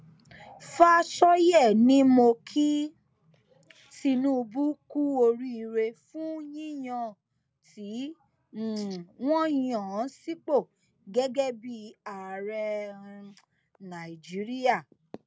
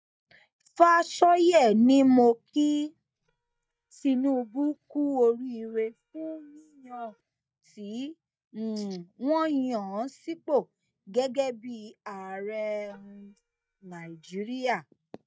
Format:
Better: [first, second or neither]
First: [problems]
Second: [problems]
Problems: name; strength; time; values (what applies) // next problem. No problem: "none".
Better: first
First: none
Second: noise reduction (neural mask model DeepFilterNet 3)